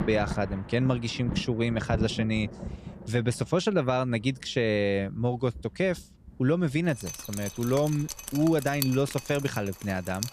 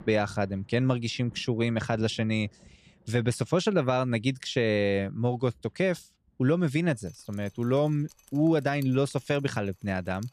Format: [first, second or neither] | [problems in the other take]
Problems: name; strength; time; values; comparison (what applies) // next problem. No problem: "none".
second | rain or running water; loud; throughout; 10 dB below the speech; faint in the second